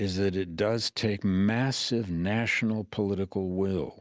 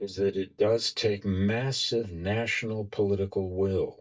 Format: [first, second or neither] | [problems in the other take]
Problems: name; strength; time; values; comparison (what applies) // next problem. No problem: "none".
first | noise reduction (neural mask model DeepFilterNet 3)